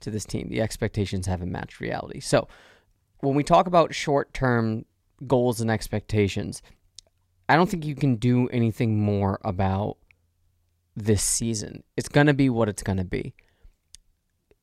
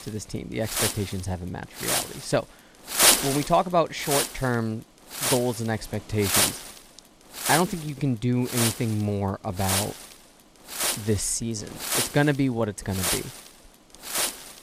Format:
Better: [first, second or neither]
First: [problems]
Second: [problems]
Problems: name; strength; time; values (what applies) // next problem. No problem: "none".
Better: first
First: none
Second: wind noise on the microphone; heavy; 2 dB above the speech